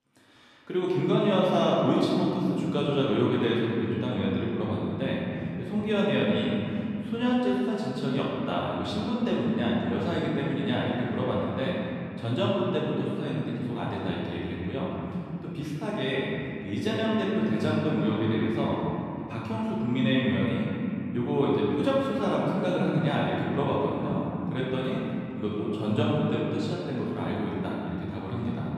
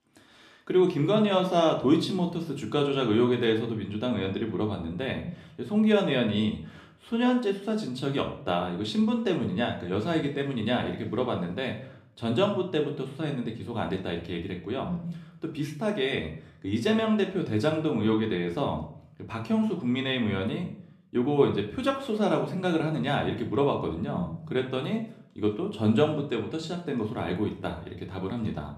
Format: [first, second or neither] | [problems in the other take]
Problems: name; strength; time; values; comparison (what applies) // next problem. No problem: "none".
second | room echo; strong; dies away in 2.9 s; slight in the second // off-mic speech; far; somewhat distant in the second